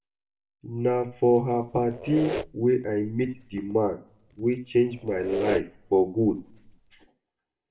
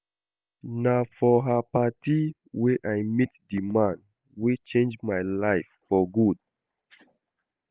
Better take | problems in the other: second | background sound (Squeak); 12 dB below the speech // room echo; dies away in 0.4 s

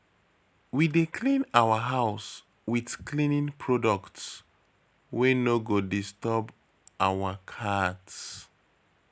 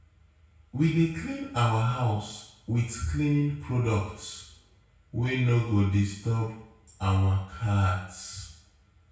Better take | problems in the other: first | room echo; dies away in 0.6 s

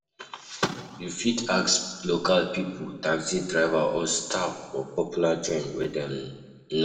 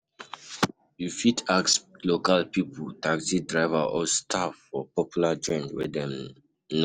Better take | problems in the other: second | room echo; dies away in 1.2 s

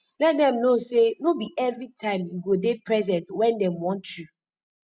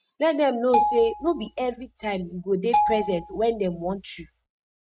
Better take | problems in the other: first | noise reduction (neural mask model RNNoise)

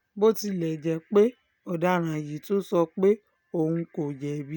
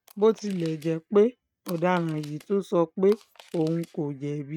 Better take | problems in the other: first | noise reduction (neural mask model RNNoise)

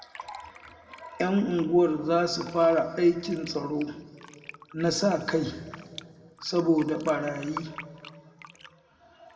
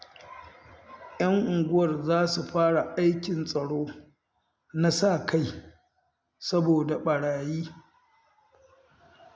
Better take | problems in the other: second | background sound (Fill (with liquid)); 19 dB below the speech // room echo; dies away in 1.8 s

